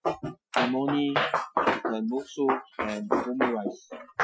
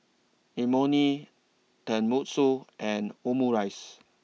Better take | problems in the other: second | noise reduction (classical method Wiener filter)

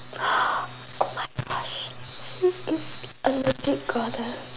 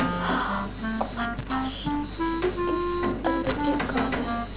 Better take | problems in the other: first | background sound (Rain + Wind instrument, woodwind instrument); 5 dB above the speech

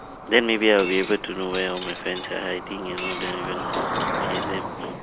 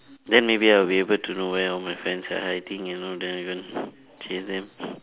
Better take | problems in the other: second | background sound (Shatter + Cricket); 5 dB below the speech

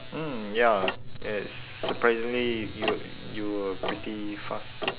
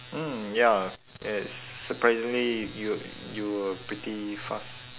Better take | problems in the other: second | background sound (Tick-tock); 5 dB below the speech

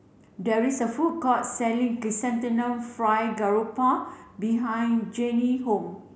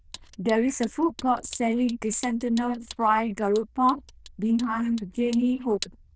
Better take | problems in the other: first | noise reduction (neural diffusion model UNIVERSE++)

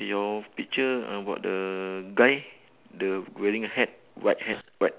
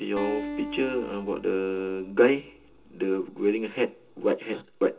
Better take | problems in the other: first | background sound (Acoustic guitar); 12 dB below the speech // room echo; dies away in 0.2 s

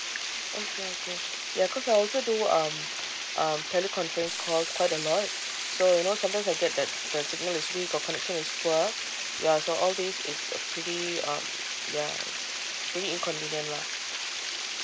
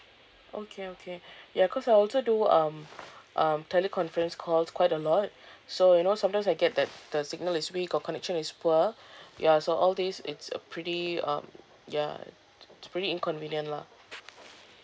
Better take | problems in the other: second | background sound (Water); 3 dB below the speech

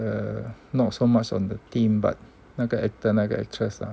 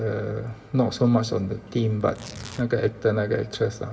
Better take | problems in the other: first | background sound (Tearing); 20 dB below the speech // room echo; dies away in 2.6 s

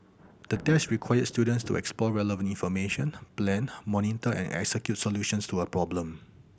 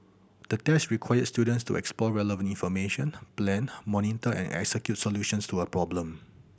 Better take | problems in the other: second | background sound (Thunder); 19 dB below the speech

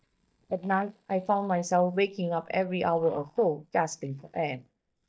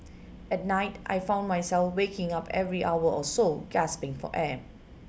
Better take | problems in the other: second | noise reduction (neural mask model DeepFilterNet 3)

